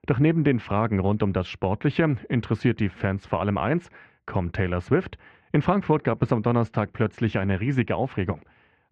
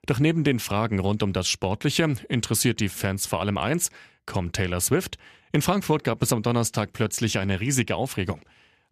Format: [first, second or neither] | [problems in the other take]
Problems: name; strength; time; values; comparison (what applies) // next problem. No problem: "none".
second | muffled; very; fading above 2 kHz